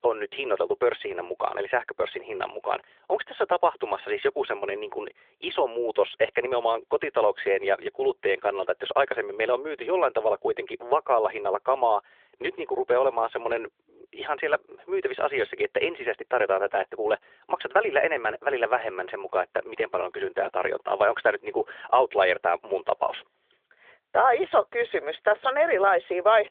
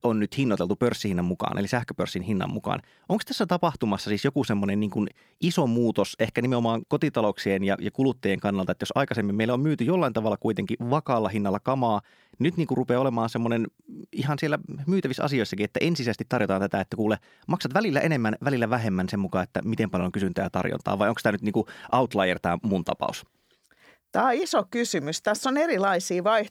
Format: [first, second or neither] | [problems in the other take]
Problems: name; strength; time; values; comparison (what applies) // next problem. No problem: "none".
second | phone-call audio; nothing above 3.5 kHz